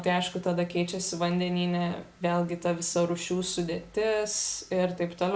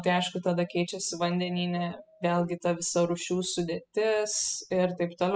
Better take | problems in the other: first | noise reduction (classical method spectral subtraction)

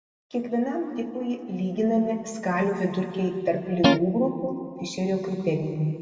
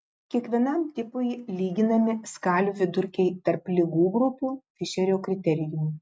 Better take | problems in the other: second | background sound (Guitar); 4 dB above the speech // room echo; dies away in 2.1 s

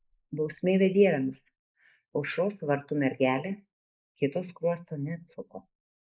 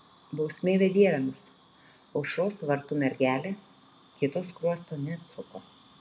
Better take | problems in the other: second | noise reduction (neural mask model Resemble Enhance denoiser)

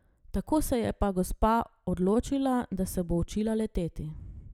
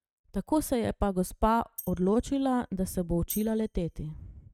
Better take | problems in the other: first | noise reduction (neural mask model RNNoise)

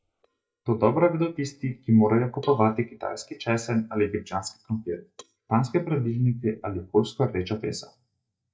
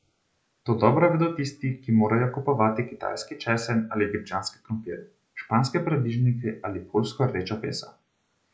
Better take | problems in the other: second | noise reduction (neural mask model DeepFilterNet 3)

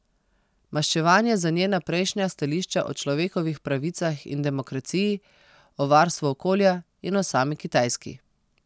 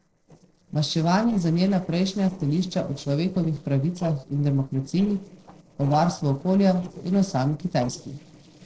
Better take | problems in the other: first | noise reduction (neural separator model SepFormer DNS4)

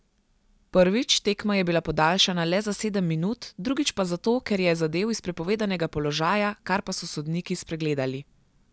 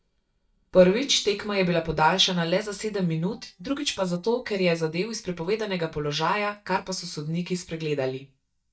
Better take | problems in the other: first | noise reduction (neural mask model DeepFilterNet 3)

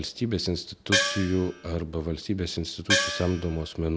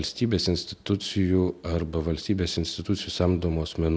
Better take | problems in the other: second | background sound (Gong); as loud as the speech

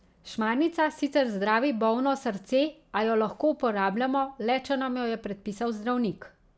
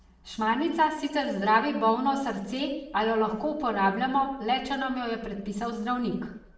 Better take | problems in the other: first | room echo; dies away in 0.7 s

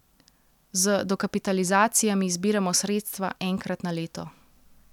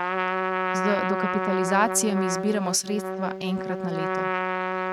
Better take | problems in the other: first | noise reduction (neural mask model RNNoise)

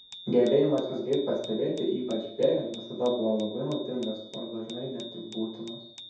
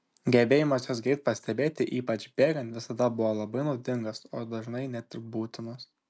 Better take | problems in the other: second | background sound (Bicycle bell); 17 dB below the speech // room echo; dies away in 0.7 s

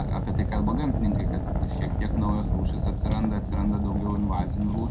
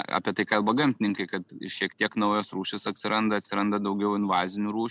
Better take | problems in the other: second | background sound (Fire); 4 dB above the speech // room echo; dies away in 0.2 s

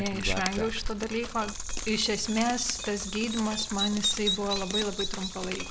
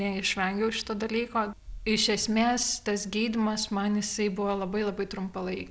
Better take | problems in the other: second | background sound (Bird vocalization, bird call, bird song + Drip); 3 dB below the speech

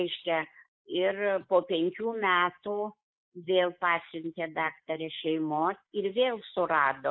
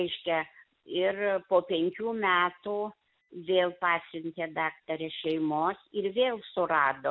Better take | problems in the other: second | noise reduction (neural mask model Resemble Enhance denoiser)

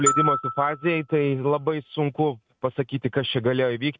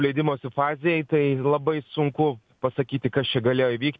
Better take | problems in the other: second | noise reduction (neural mask model RNNoise)

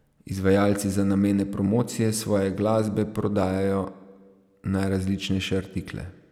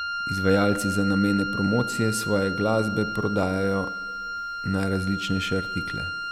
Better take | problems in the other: first | background sound (Wind instrument, woodwind instrument); 6 dB below the speech

